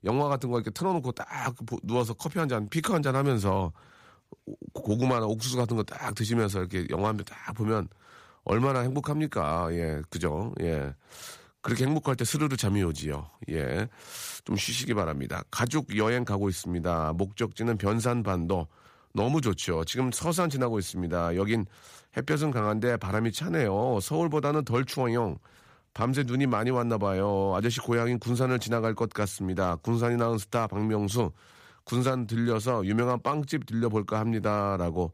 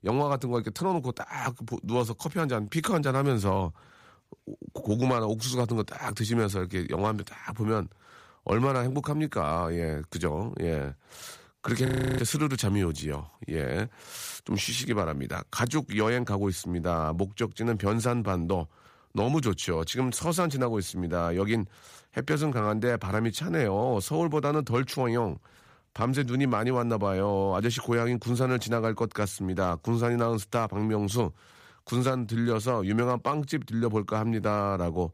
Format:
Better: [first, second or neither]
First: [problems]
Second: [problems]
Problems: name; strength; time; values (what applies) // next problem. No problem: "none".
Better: first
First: none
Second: audio freezing; at 12 s